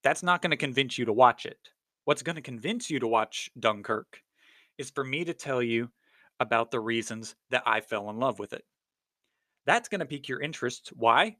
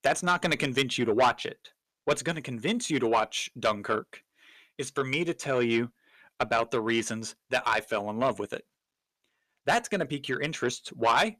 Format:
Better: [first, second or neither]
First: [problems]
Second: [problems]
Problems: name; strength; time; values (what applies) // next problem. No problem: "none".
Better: first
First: none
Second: distortion; heavy; 8 dB below the speech